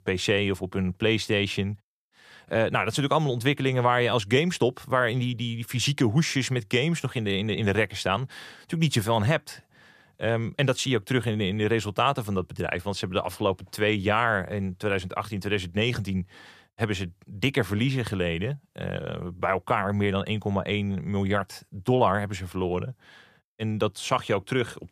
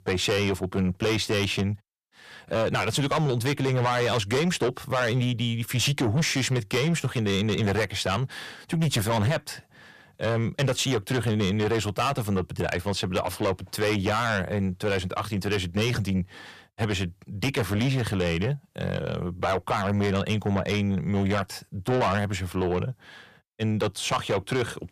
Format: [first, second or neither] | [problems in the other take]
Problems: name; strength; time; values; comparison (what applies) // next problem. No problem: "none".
first | distortion; heavy; 7 dB below the speech